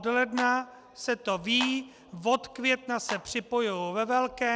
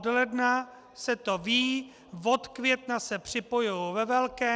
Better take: second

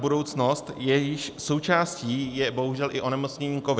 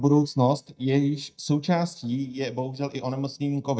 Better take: first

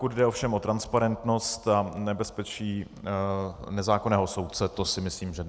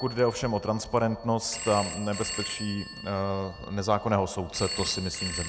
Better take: first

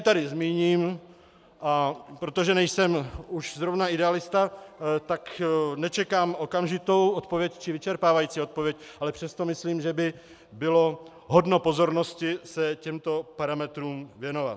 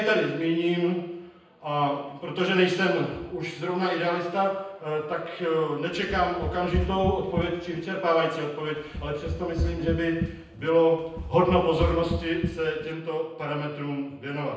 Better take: first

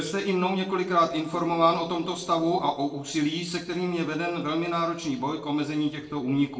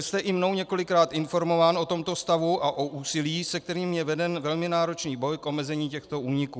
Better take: second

